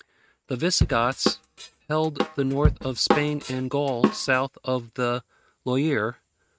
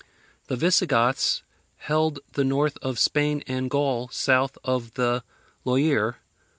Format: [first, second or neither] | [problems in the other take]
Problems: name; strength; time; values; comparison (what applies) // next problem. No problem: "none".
second | noise reduction (neural mask model RNNoise)